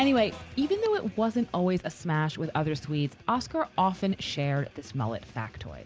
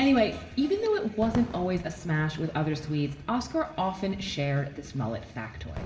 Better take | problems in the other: first | background sound (Fireworks); 16 dB below the speech // room echo; dies away in 0.9 s

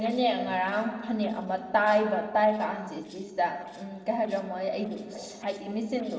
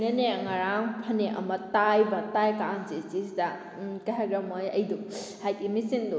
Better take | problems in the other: second | noise reduction (neural separator model SepFormer DNS4)

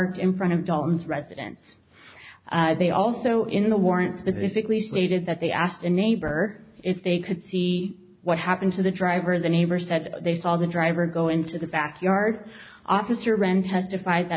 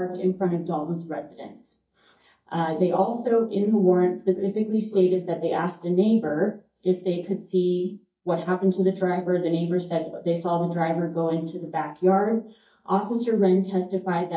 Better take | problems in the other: first | noise reduction (neural mask model DeepFilterNet 3)

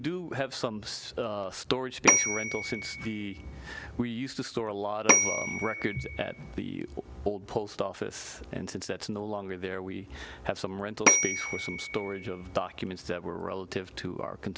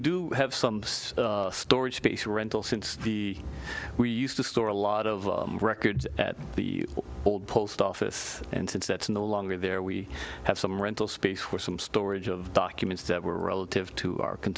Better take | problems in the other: second | background sound (Bell / Telephone); 4 dB above the speech

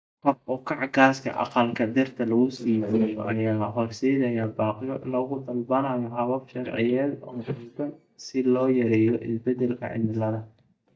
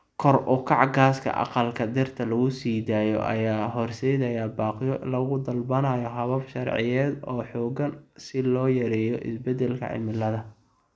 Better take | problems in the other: second | noise reduction (neural mask model DeepFilterNet 3)

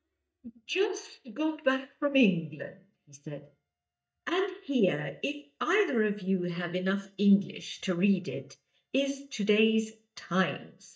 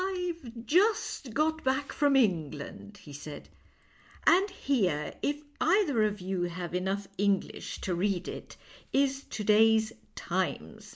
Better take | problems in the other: second | noise reduction (neural mask model DeepFilterNet 3)

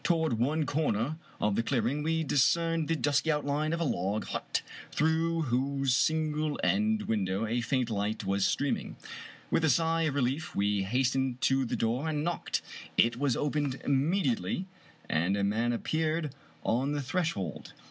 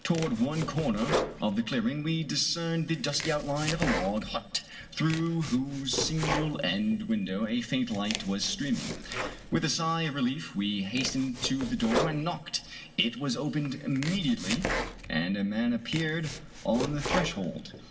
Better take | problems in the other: first | background sound (Domestic sounds, home sounds); 7 dB below the speech // room echo; dies away in 2.9 s

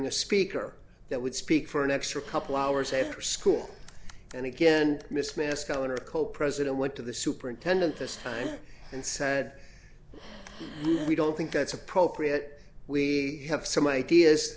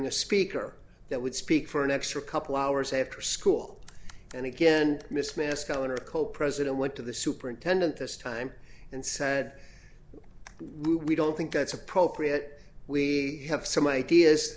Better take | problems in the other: second | background sound (Breathing); 17 dB below the speech

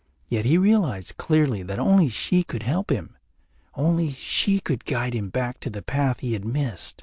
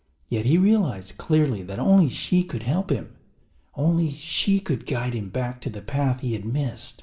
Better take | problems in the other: first | room echo; dies away in 0.4 s

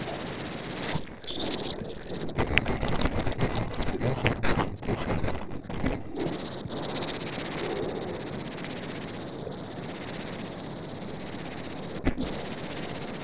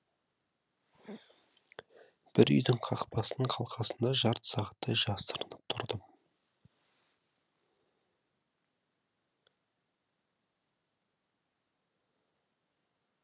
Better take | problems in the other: second | noise reduction (neural separator model SepFormer DNS4)

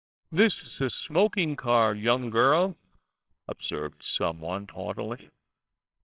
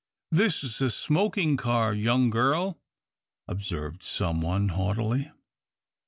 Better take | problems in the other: second | noise reduction (neural separator model SepFormer WHAMR!)

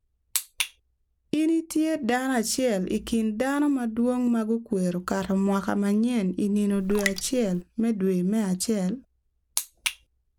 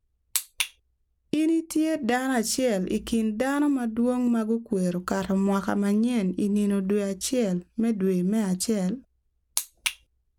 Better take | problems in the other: second | background sound (Raindrop); 8 dB below the speech

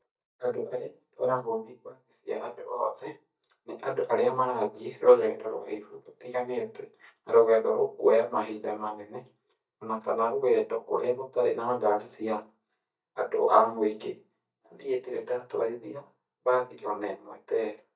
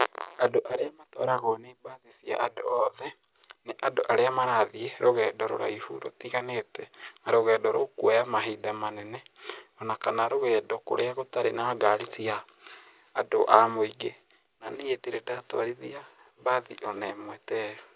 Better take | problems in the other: second | noise reduction (neural mask model DeepFilterNet 3)

